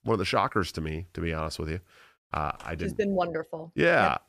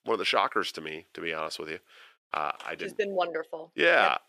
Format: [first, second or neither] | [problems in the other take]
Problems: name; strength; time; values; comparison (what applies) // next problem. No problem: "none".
first | thin; somewhat; fading below 400 Hz